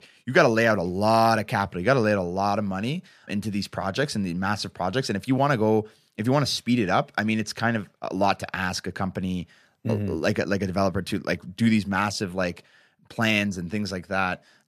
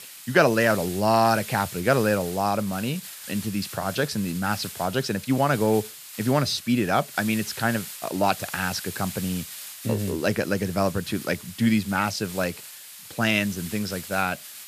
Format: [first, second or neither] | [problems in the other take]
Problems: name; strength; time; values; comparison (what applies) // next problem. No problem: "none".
first | hiss; noticeable; throughout; 10 dB below the speech